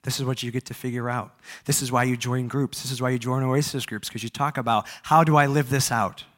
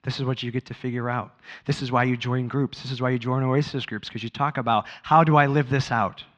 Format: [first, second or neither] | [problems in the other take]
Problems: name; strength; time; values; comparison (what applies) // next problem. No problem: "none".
first | muffled; slightly; fading above 4 kHz